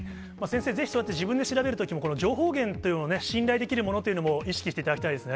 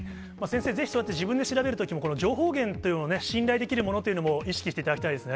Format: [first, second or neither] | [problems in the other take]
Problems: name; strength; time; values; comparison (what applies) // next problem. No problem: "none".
first | background sound (Percussion); 16 dB below the speech